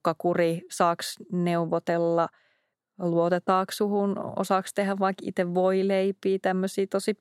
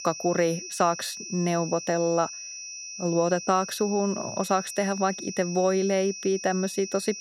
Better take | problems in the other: first | high-pitched whine; loud; throughout; 6 kHz, 9 dB below the speech

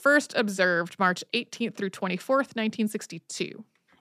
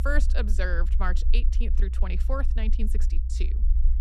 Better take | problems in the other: first | low rumble; noticeable; throughout; 15 dB below the speech

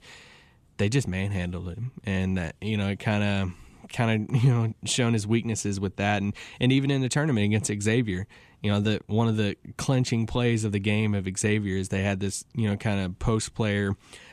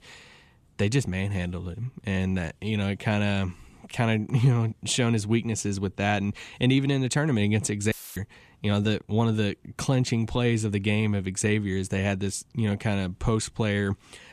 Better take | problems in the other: first | audio cutting out; filled with static; at 8 s

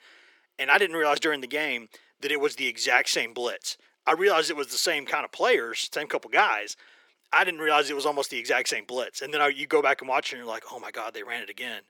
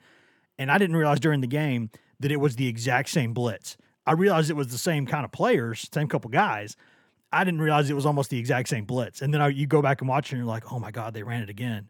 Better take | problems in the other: second | thin; very; fading below 400 Hz

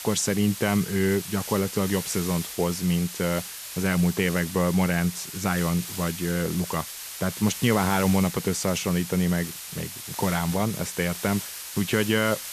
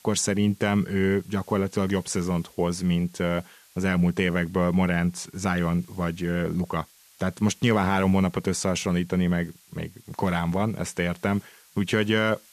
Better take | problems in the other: second | hiss; loud; throughout; 8 dB below the speech; faint in the second

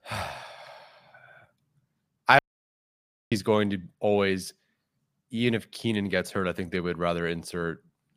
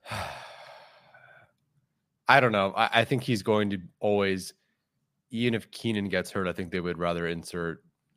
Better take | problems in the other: second | audio cutting out; at 2.5 s for 1 s

